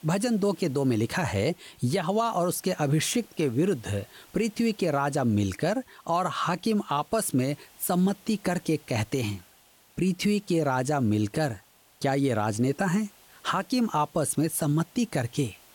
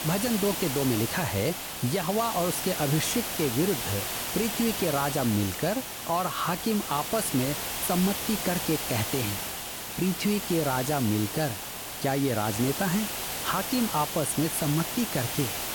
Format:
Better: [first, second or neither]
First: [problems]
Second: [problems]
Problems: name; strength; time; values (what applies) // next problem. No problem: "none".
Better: first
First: hiss; faint; throughout; 25 dB below the speech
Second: hiss; loud; throughout; 3 dB below the speech